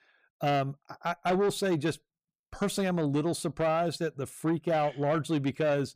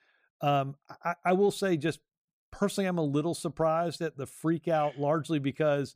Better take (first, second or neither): second